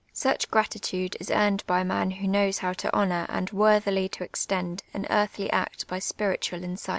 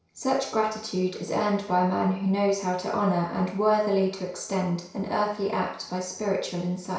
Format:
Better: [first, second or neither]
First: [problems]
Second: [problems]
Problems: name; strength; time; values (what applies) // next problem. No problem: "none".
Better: first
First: none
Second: room echo; dies away in 0.6 s